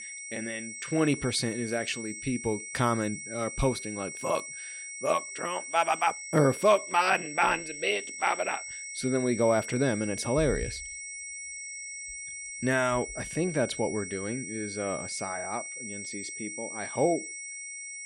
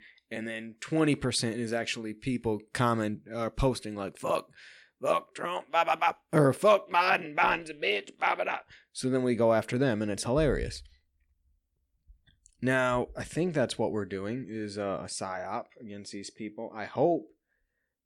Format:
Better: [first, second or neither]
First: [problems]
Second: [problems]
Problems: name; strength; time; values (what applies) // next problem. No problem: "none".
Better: second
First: high-pitched whine; loud; throughout; 2 kHz, 8 dB below the speech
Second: none